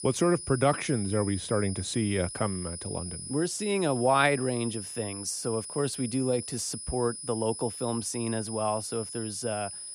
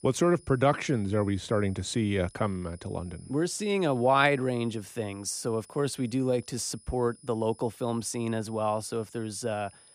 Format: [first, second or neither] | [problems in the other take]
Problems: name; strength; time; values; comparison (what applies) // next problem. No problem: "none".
second | high-pitched whine; loud; throughout; 10 kHz, 8 dB below the speech; faint in the second